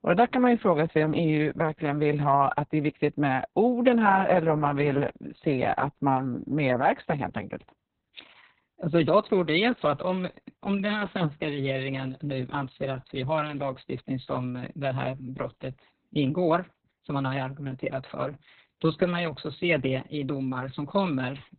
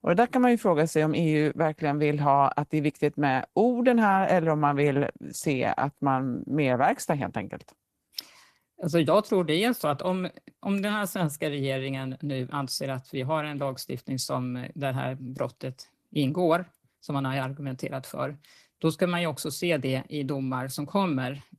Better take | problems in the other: second | garbled, watery; badly; nothing above 4 kHz; slightly in the second

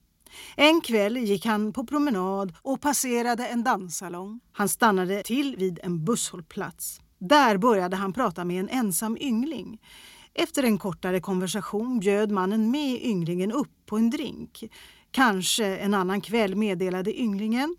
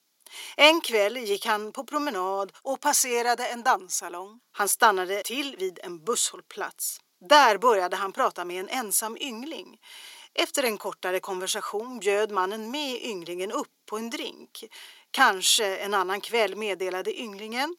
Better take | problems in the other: first | thin; very; fading below 450 Hz

